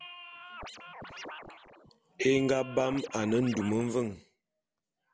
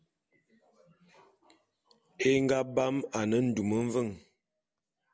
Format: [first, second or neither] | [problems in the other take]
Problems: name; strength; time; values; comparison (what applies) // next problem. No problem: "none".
second | background sound (Scratching (performance technique)); 14 dB below the speech